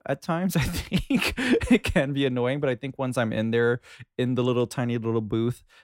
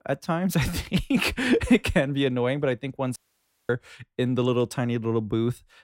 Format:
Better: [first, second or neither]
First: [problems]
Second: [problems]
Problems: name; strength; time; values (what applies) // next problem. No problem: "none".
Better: first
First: none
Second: audio cutting out; at 3 s for 0.5 s